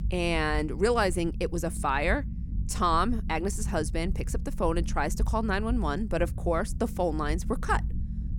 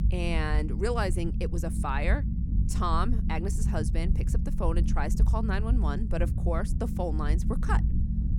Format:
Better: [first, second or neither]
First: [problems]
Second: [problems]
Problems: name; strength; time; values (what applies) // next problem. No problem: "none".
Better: first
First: low rumble; faint; throughout; 20 dB below the speech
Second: low rumble; loud; throughout; 9 dB below the speech